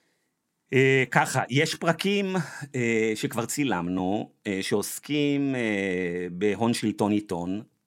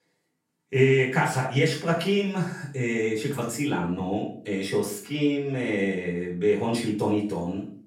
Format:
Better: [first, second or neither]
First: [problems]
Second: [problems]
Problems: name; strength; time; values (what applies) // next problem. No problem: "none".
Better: first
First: none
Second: off-mic speech; far // room echo; noticeable; dies away in 0.4 s